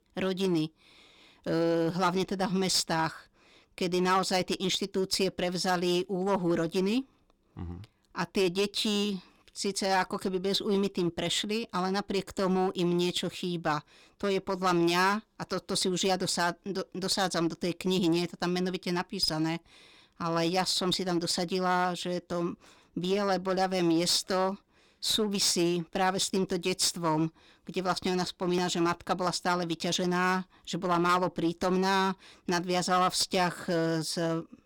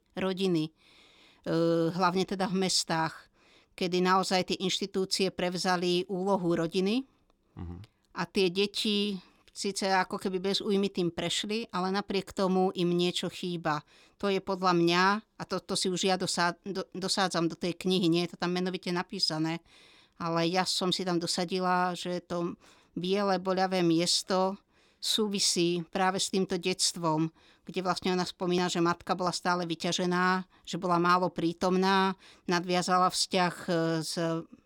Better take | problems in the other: second | distortion; slight; 6% of the sound clipped

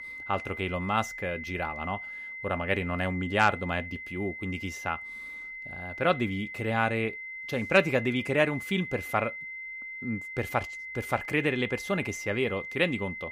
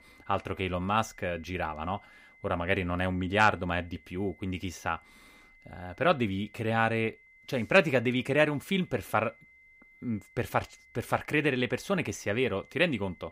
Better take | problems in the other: second | high-pitched whine; loud; throughout; 2 kHz, 8 dB below the speech; faint in the second

